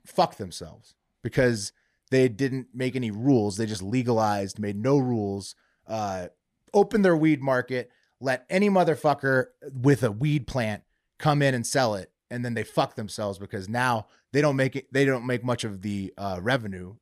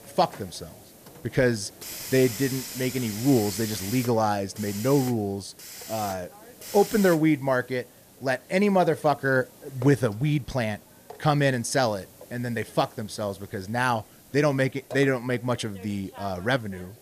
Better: first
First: none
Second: hiss; noticeable; throughout; 15 dB below the speech

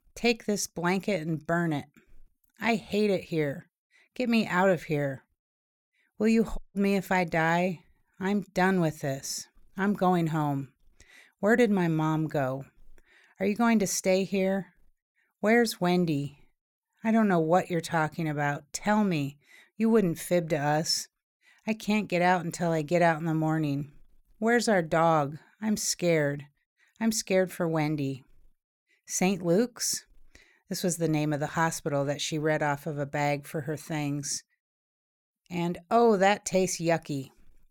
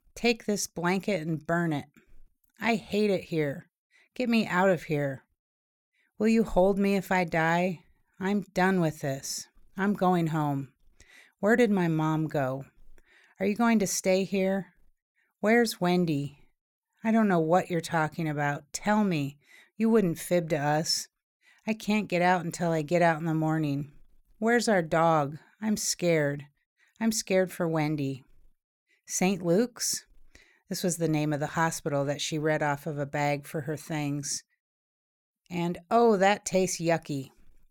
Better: second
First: audio cutting out; at 6.5 s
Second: none

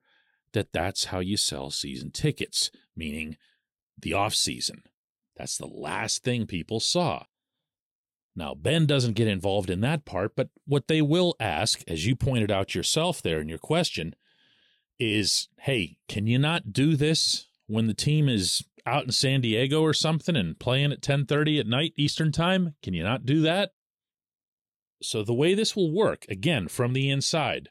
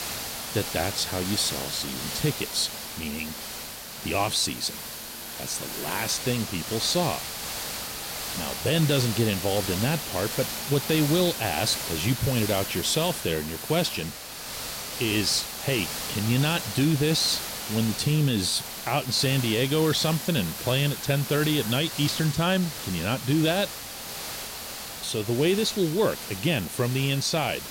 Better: first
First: none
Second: hiss; loud; throughout; 6 dB below the speech

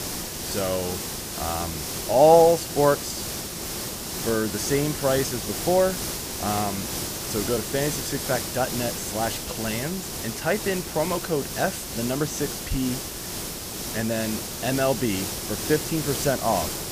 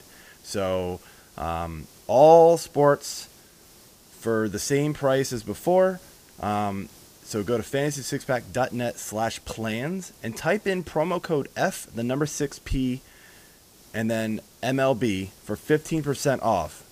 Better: second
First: hiss; loud; throughout; 4 dB below the speech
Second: hiss; faint; throughout; 25 dB below the speech

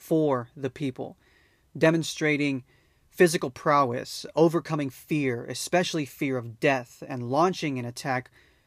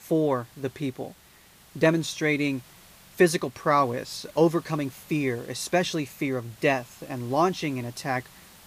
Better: first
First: none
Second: hiss; faint; throughout; 25 dB below the speech

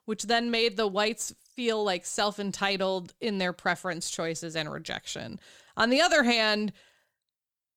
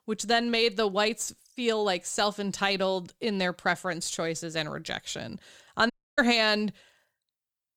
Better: first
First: none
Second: audio cutting out; at 6 s

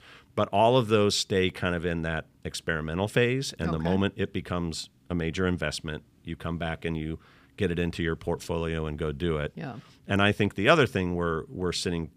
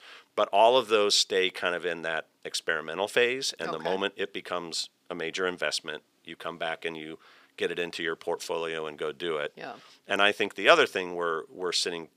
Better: first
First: none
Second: thin; very; fading below 500 Hz

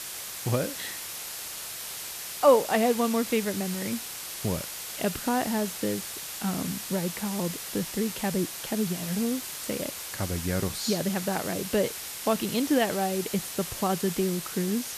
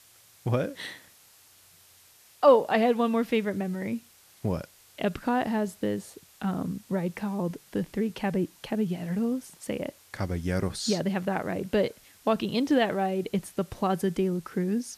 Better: second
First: hiss; loud; throughout; 6 dB below the speech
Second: hiss; faint; throughout; 25 dB below the speech

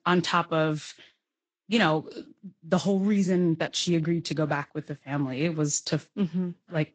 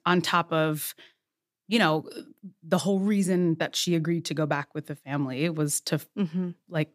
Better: second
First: garbled, watery; slightly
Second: none

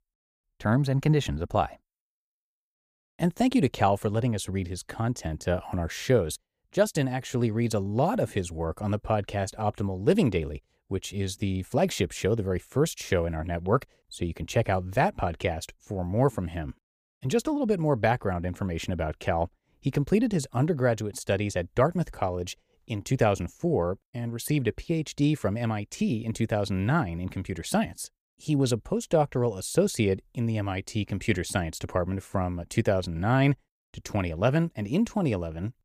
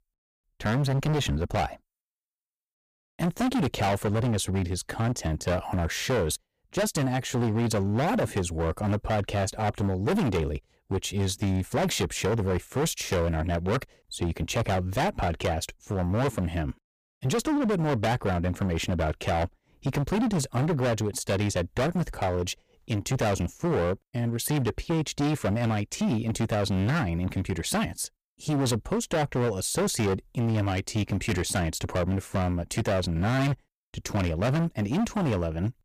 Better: first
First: none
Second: distortion; heavy; 21% of the sound clipped

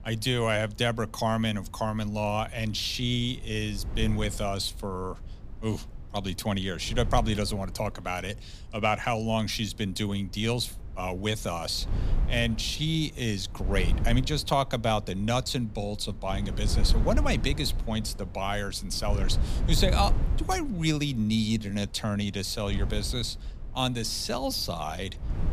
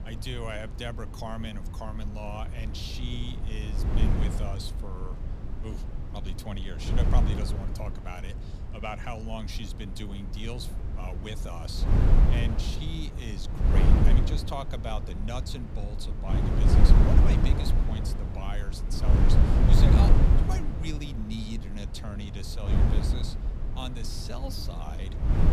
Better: first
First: wind noise on the microphone; occasional gusts; 15 dB below the speech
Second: wind noise on the microphone; heavy; 1 dB above the speech

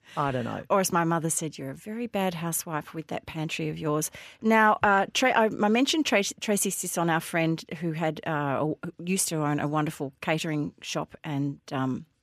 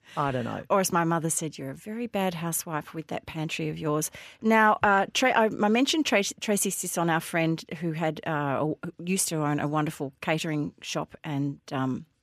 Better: neither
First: none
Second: none

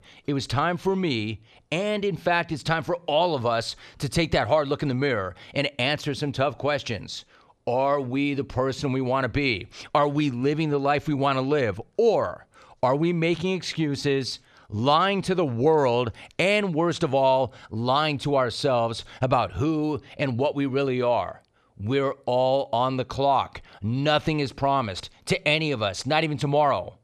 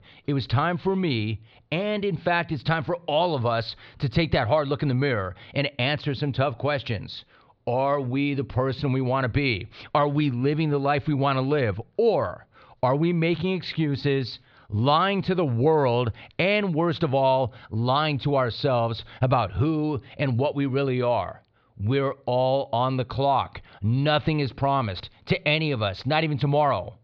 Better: first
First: none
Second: muffled; very slightly; fading above 4 kHz

